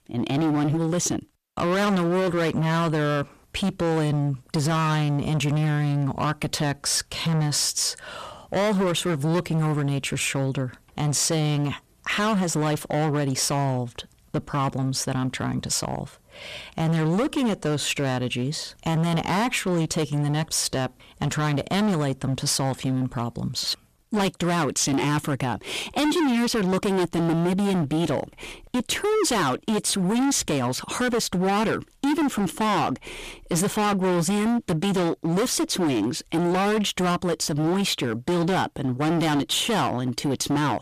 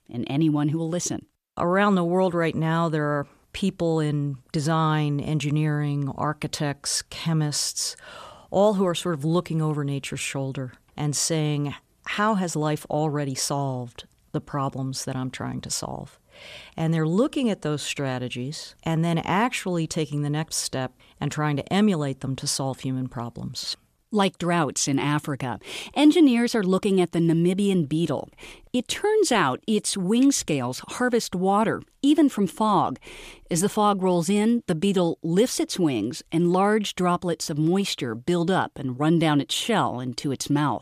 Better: second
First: distortion; heavy; 24% of the sound clipped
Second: none

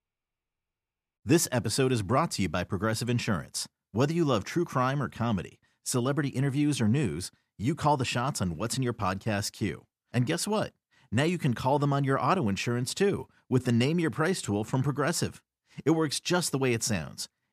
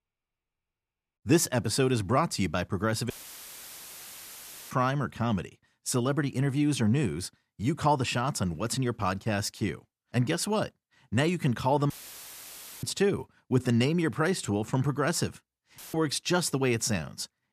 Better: first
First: none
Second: audio cutting out; filled with static; at 3 s for 1.5 s, at 12 s for 1 s and at 16 s

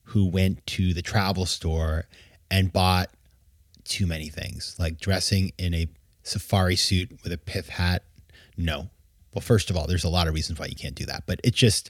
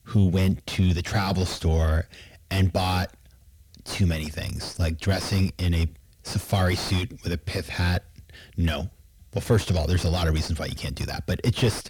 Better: first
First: none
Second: distortion; heavy; 7 dB below the speech

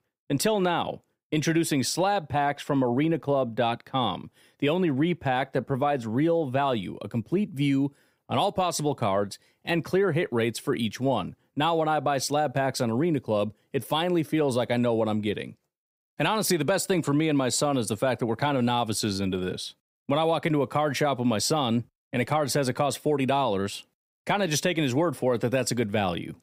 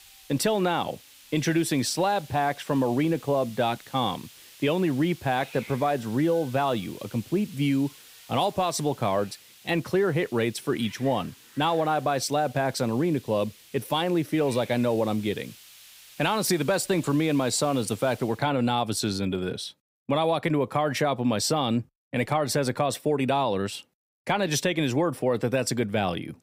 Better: first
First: none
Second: hiss; faint; until 18 s; 20 dB below the speech

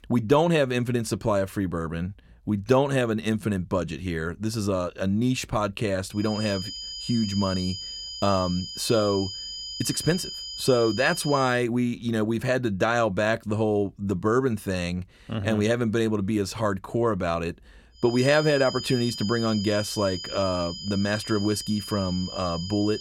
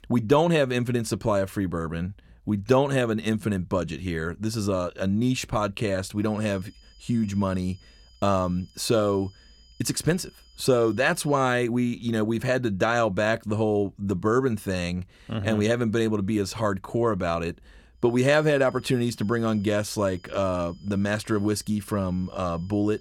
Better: second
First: high-pitched whine; loud; from 6 to 11 s and from 18 s on; 5 kHz, 8 dB below the speech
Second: high-pitched whine; faint; from 6 to 11 s and from 18 s on; 5 kHz, 30 dB below the speech

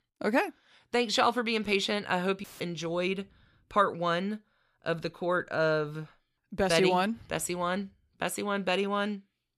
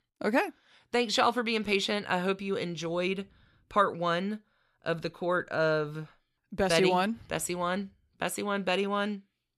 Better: second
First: audio cutting out; filled with static; at 2.5 s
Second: none

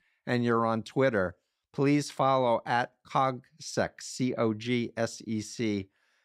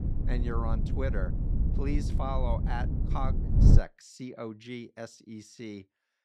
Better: first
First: none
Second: wind noise on the microphone; heavy; until 4 s; 3 dB below the speech

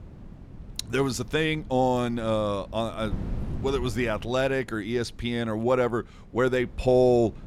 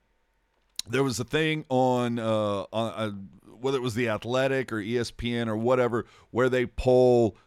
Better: second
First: wind noise on the microphone; occasional gusts; 25 dB below the speech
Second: none

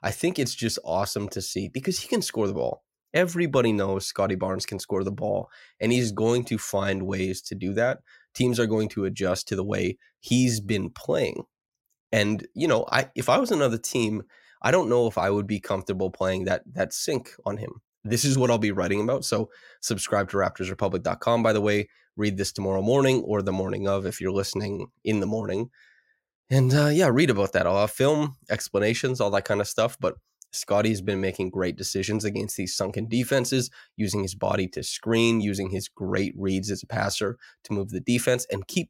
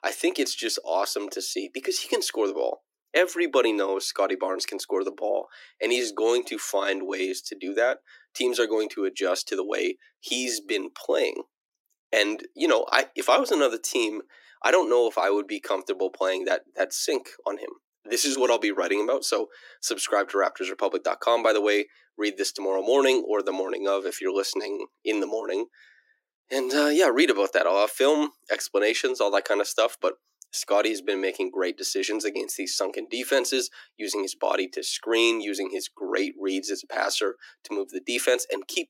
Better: first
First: none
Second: thin; somewhat; fading below 300 Hz

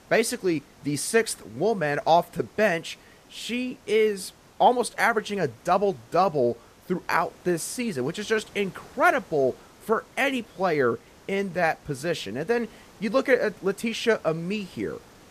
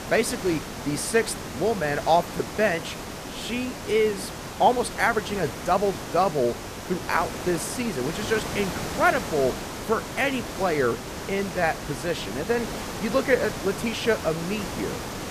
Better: first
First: hiss; faint; throughout; 25 dB below the speech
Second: hiss; loud; throughout; 8 dB below the speech

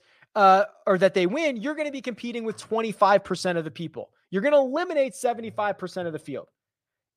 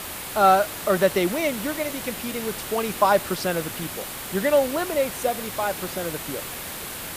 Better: first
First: none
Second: hiss; loud; throughout; 8 dB below the speech

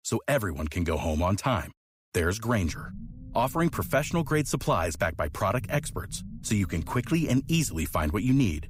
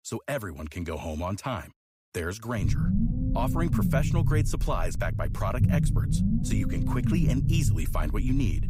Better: first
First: low rumble; faint; from 2.5 s on; 25 dB below the speech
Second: low rumble; loud; from 2.5 s on; 4 dB below the speech

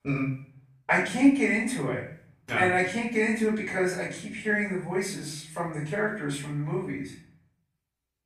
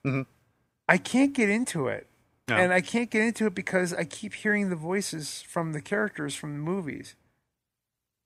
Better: second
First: off-mic speech; far // room echo; noticeable; dies away in 0.5 s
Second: none

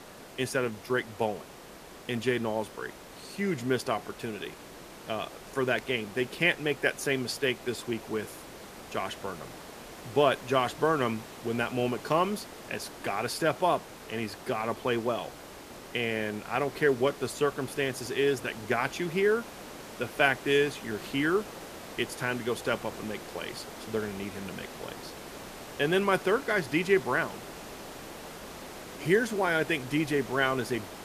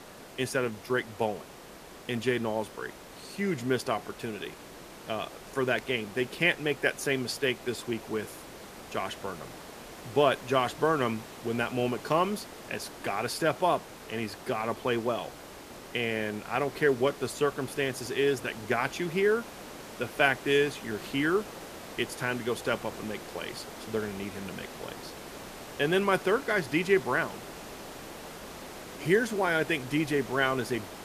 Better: neither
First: hiss; noticeable; throughout; 15 dB below the speech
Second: hiss; noticeable; throughout; 15 dB below the speech

